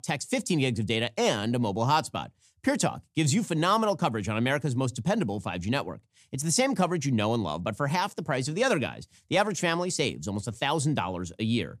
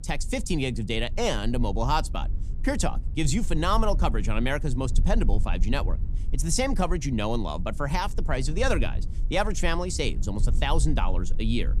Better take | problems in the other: first | low rumble; faint; throughout; 20 dB below the speech

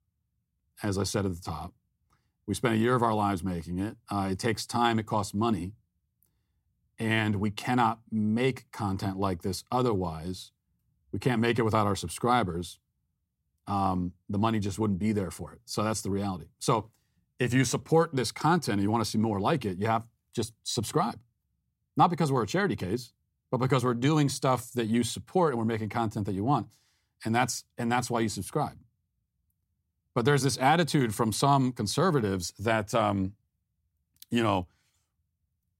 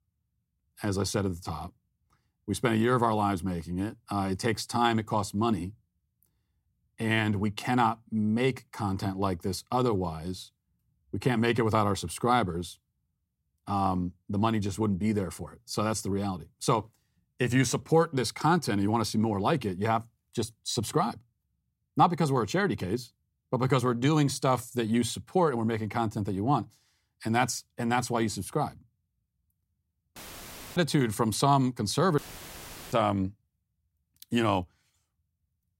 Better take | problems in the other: first | audio cutting out; filled with static; at 30 s for 0.5 s and at 32 s for 0.5 s

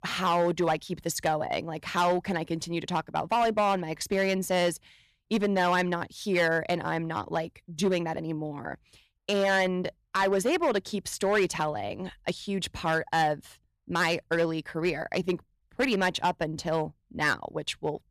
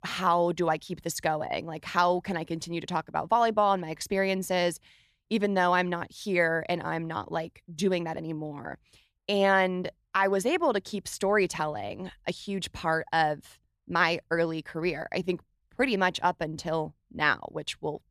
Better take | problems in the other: second | distortion; slight; 5% of the sound clipped

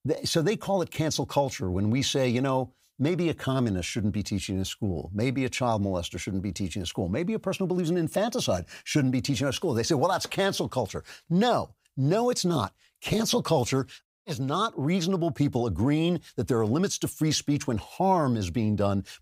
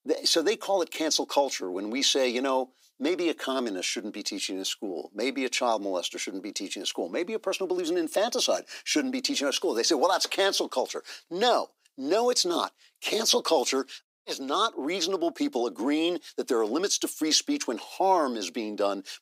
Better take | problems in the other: first | thin; somewhat; fading below 300 Hz

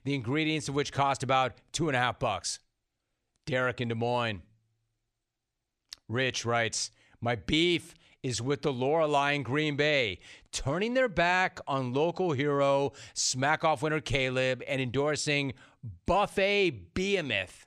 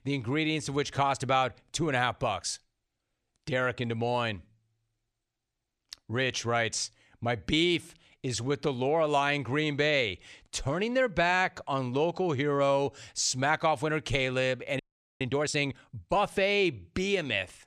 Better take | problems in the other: first | audio freezing; at 15 s

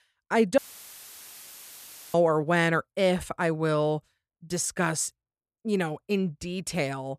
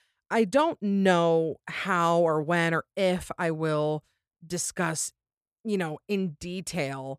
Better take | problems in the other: second | audio cutting out; filled with static; at 0.5 s for 1.5 s

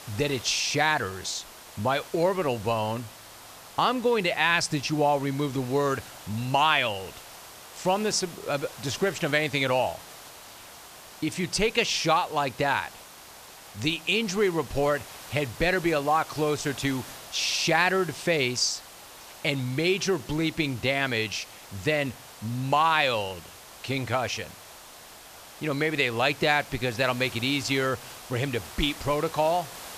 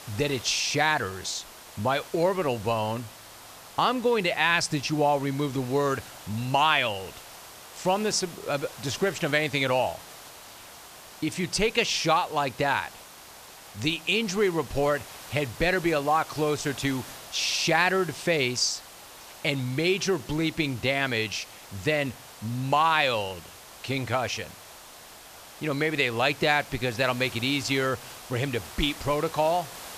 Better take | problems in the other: neither | hiss; noticeable; throughout; 15 dB below the speech; the same in both

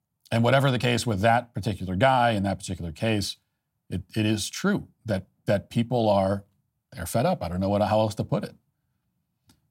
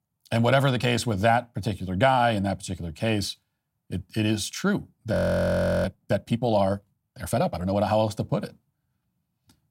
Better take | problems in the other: first | audio freezing; at 5 s for 0.5 s

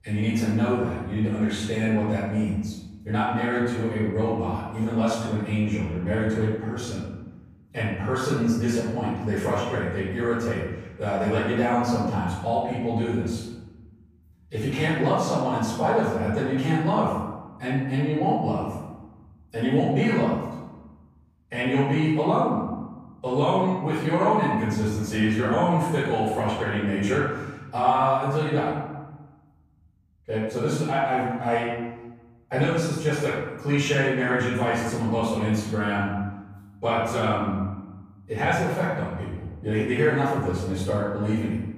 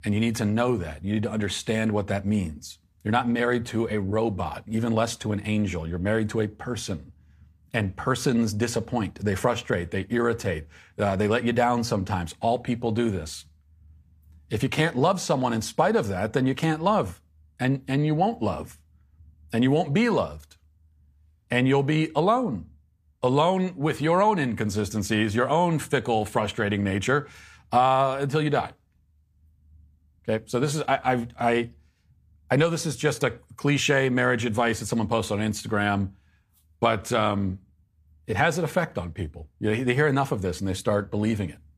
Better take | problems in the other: second | room echo; strong; dies away in 1.1 s // off-mic speech; far

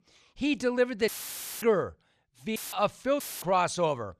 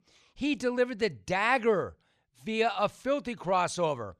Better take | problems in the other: second | audio cutting out; filled with static; at 1 s for 0.5 s, at 2.5 s and at 3 s

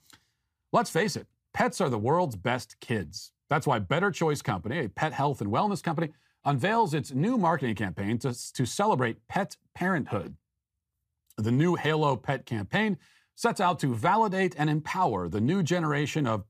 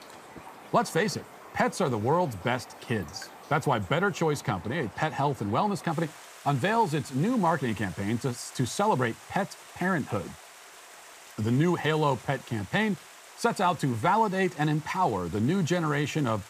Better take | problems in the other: first | rain or running water; noticeable; throughout; 20 dB below the speech

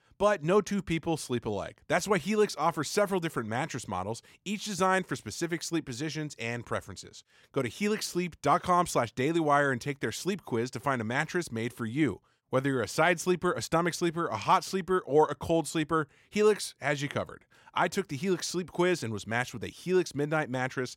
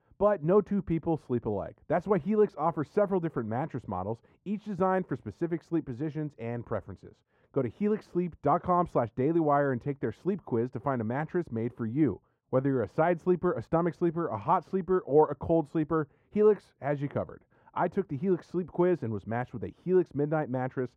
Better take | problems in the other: first | muffled; very; fading above 2.5 kHz

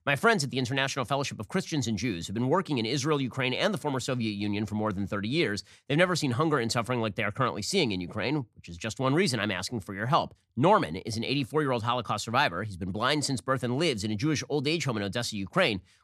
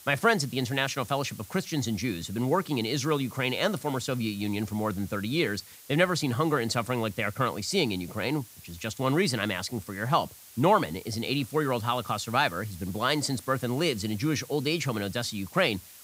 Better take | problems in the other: first | hiss; noticeable; throughout; 20 dB below the speech

